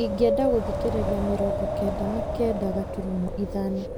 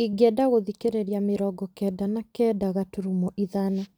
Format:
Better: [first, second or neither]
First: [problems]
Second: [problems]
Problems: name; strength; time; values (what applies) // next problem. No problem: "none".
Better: second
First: background sound (Wind); 1 dB below the speech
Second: none